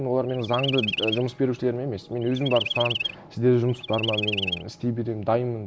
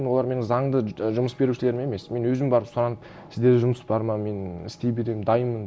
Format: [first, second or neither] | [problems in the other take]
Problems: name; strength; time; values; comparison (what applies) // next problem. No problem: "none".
second | background sound (Chirp, tweet); 5 dB below the speech